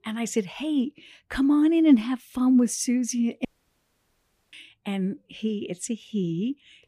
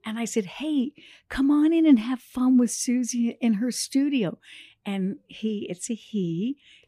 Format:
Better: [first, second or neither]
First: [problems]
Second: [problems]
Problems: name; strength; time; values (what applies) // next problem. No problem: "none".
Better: second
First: audio cutting out; at 3.5 s for 1 s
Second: none